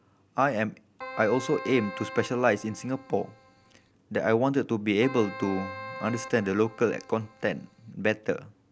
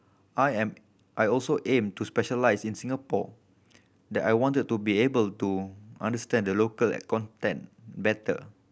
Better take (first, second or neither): second